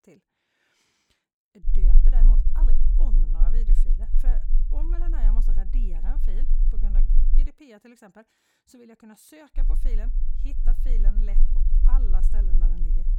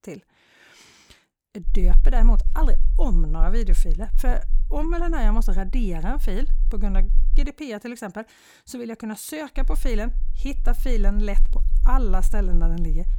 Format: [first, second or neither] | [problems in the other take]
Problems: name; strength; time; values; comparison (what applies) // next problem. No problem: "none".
second | low rumble; loud; from 1.5 to 7.5 s and from 9.5 s on; 4 dB below the speech; faint in the second